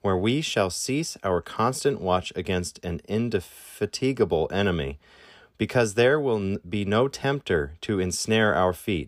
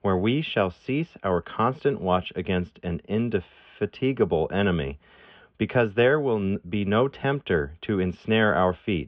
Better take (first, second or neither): first